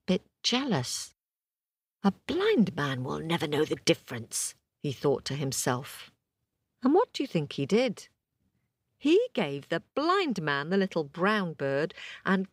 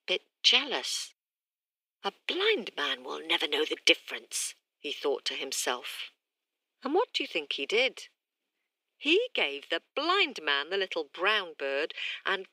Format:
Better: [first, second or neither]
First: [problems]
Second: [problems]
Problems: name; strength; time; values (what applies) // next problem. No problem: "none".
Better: first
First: none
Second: thin; somewhat; fading below 350 Hz